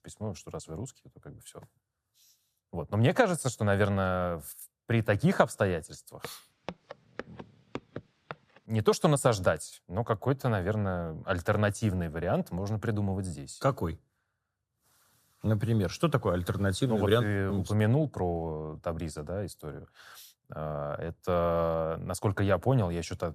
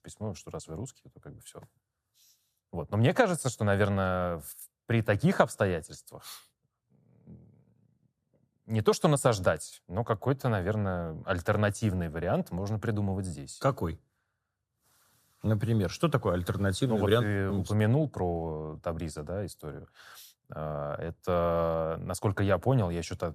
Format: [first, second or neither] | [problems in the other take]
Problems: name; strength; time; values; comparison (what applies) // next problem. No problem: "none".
second | footsteps; faint; from 6 to 8.5 s; peak 15 dB below the speech